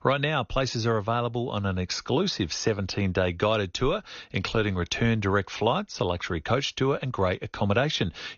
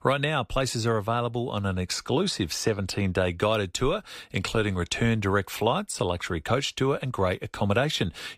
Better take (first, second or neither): second